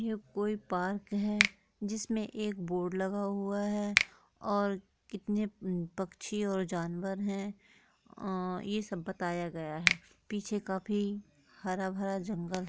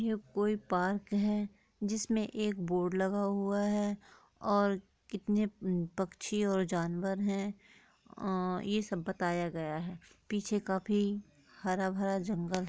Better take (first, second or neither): second